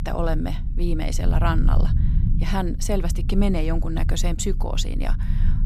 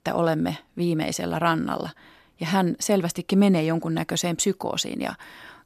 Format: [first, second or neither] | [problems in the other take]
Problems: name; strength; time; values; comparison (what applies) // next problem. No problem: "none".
second | low rumble; noticeable; throughout; 10 dB below the speech